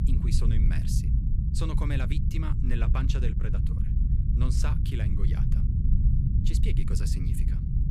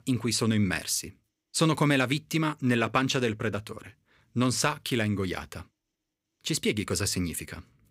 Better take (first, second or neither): second